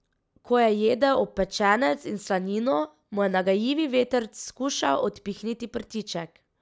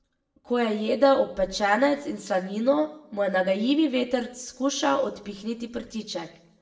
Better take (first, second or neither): first